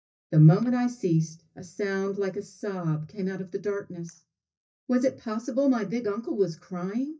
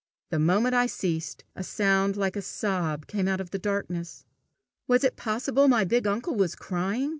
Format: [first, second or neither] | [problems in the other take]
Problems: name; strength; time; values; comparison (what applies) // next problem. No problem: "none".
second | noise reduction (neural mask model DeepFilterNet 3)